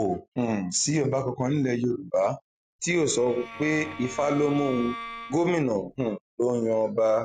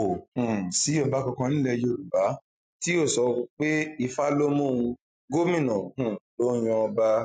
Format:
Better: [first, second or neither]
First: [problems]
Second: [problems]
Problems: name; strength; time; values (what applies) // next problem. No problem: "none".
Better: second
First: background sound (Bowed string instrument); 14 dB below the speech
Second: none